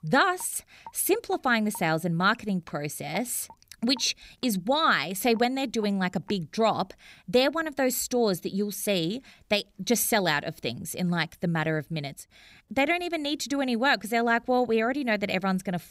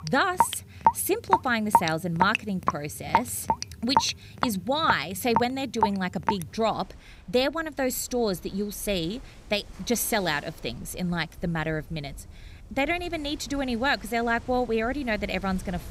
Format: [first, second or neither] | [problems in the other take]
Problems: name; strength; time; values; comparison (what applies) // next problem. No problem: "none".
first | rain or running water; loud; throughout; as loud as the speech; faint in the first